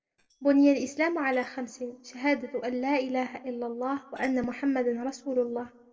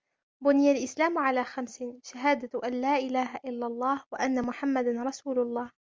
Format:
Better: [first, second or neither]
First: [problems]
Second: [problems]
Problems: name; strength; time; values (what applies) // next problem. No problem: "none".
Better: second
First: noise reduction (neural separator model SepFormer DNS4)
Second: none